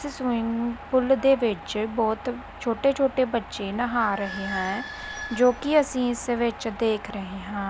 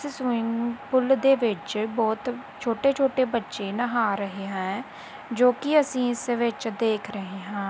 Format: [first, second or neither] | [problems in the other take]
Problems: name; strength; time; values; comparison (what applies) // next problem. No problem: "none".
second | background sound (Squeak / Idling); 16 dB below the speech